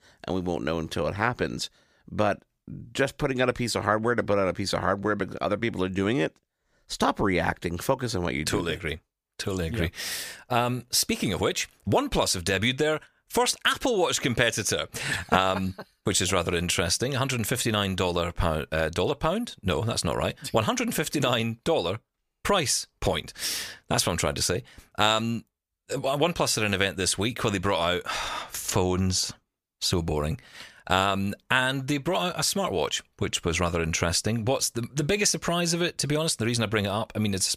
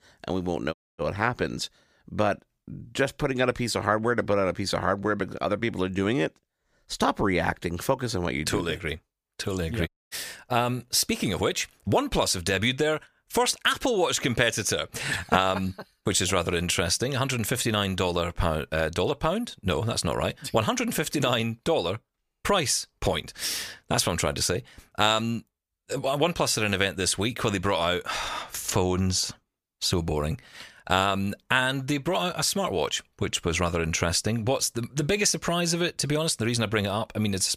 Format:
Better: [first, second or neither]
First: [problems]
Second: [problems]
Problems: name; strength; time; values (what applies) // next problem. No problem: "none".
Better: first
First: none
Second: audio cutting out; at 0.5 s and at 10 s